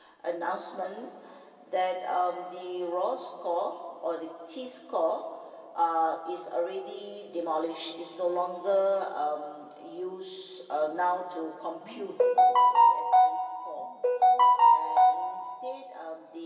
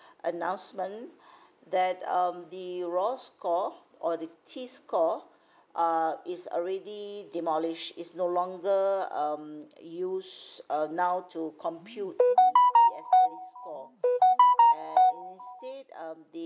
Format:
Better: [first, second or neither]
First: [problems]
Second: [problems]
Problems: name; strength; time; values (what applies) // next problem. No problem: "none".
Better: second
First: room echo; dies away in 2.4 s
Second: none